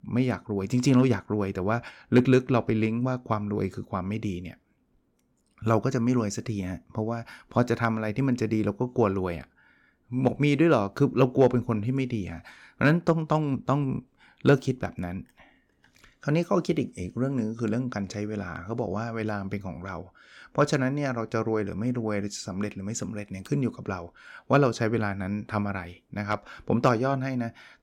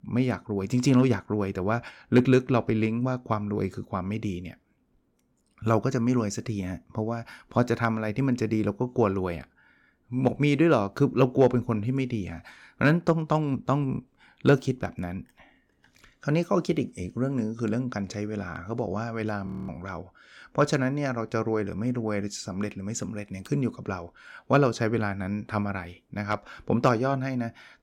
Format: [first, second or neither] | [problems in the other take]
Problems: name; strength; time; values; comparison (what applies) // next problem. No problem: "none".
first | audio freezing; at 19 s